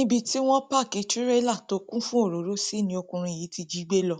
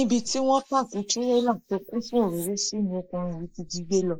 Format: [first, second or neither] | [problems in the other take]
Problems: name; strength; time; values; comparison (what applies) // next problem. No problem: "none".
first | noise reduction (neural mask model Resemble Enhance denoiser)